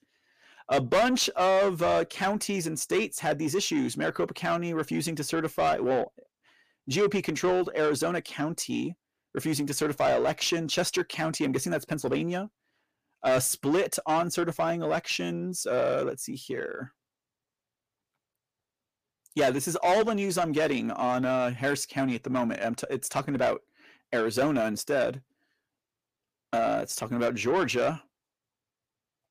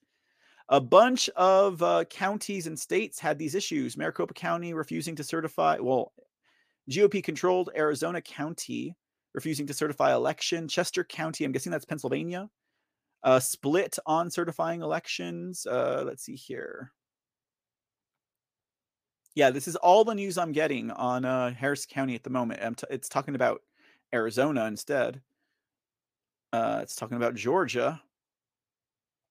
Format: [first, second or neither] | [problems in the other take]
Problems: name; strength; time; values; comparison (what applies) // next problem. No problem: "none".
second | distortion; heavy; 8 dB below the speech